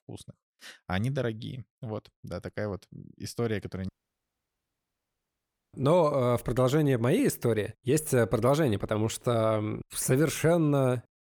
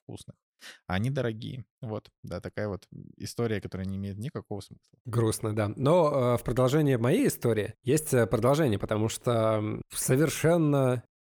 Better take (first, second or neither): second